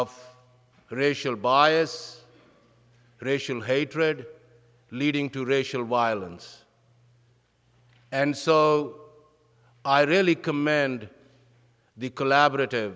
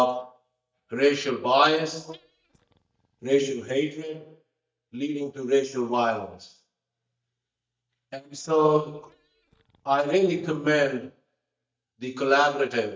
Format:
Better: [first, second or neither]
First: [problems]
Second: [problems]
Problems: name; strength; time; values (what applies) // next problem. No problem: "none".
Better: first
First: none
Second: noise reduction (neural mask model DeepFilterNet 3)